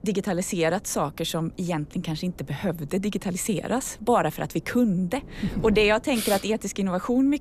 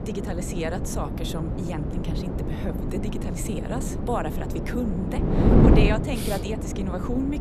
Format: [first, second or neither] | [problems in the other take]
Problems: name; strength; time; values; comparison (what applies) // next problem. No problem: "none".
first | wind noise on the microphone; heavy; 1 dB above the speech; occasional gusts in the first